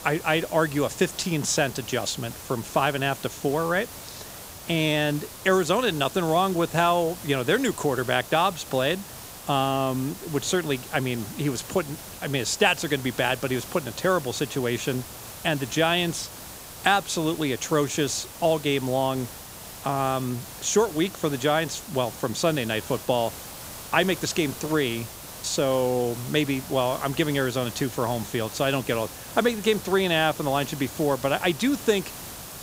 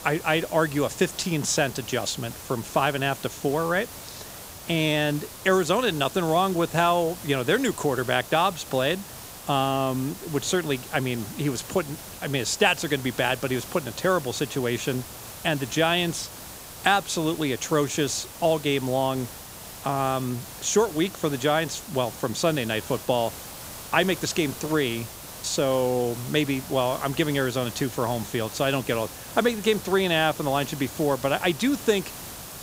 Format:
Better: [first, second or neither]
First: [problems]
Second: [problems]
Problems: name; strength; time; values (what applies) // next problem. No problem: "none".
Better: neither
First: hiss; noticeable; throughout; 15 dB below the speech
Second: hiss; noticeable; throughout; 15 dB below the speech